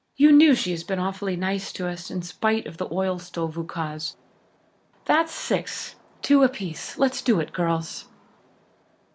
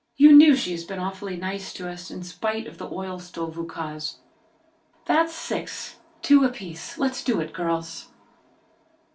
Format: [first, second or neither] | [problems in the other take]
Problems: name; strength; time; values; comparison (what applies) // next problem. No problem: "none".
first | room echo; dies away in 0.2 s